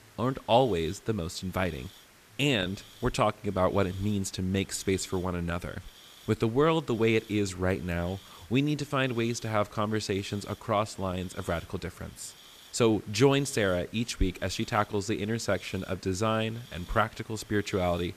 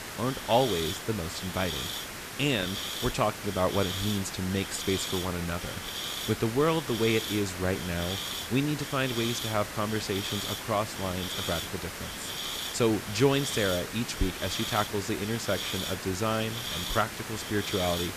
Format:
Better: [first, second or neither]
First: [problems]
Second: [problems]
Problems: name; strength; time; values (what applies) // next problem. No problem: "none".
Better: first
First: hiss; faint; throughout; 20 dB below the speech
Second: hiss; loud; throughout; 4 dB below the speech